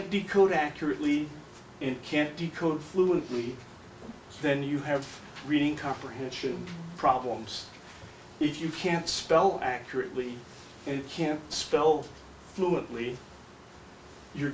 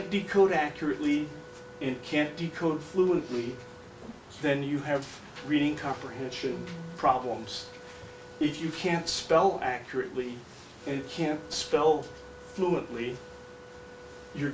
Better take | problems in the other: first | background sound (Wind instrument, woodwind instrument); 19 dB below the speech

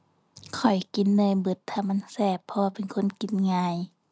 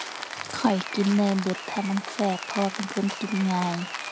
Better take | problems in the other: first | background sound (Rain); 9 dB below the speech

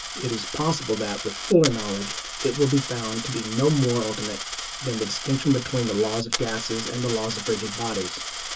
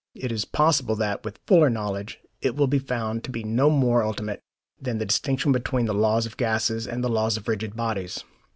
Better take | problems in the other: second | background sound (Coin (dropping)); 7 dB below the speech // room echo; dies away in 0.2 s

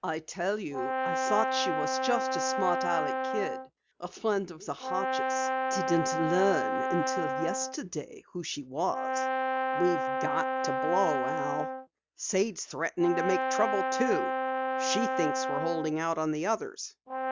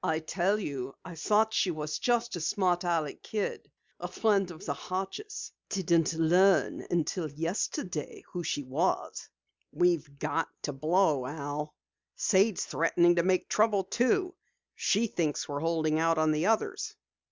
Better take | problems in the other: second | background sound (Brass instrument); as loud as the speech

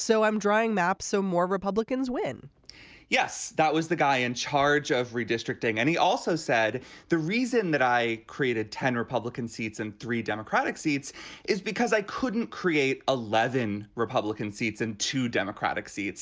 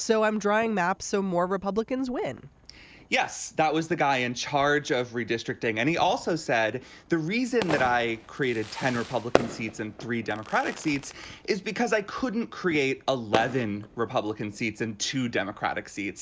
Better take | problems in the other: first | background sound (Fireworks); 12 dB below the speech

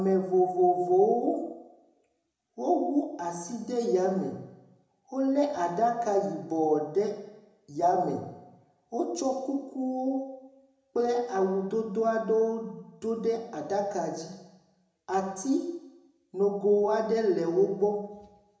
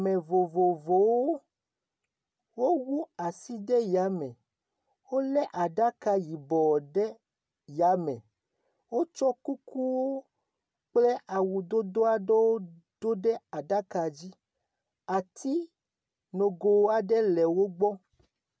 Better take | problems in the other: second | room echo; dies away in 0.9 s

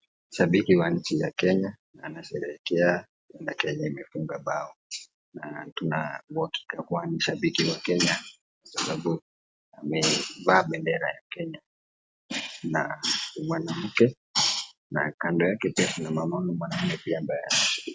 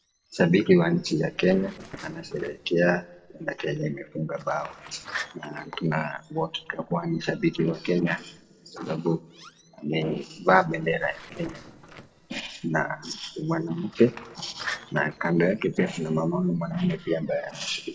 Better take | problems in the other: first | noise reduction (neural separator model SepFormer DNS4)

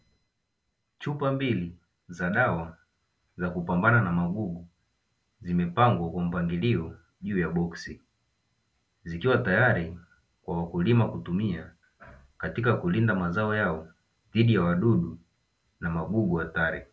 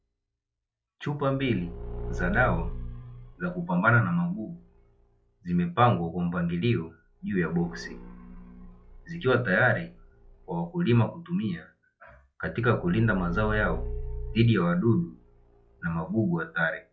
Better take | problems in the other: first | noise reduction (classical method log-MMSE)

